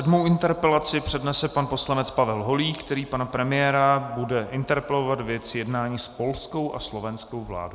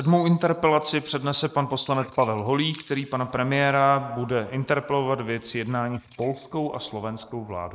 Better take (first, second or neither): first